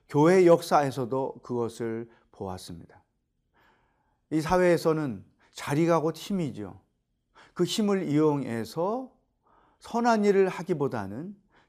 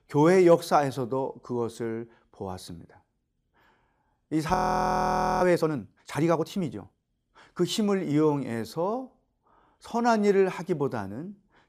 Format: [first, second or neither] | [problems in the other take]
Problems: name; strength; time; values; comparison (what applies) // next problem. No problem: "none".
first | audio freezing; at 4.5 s for 1 s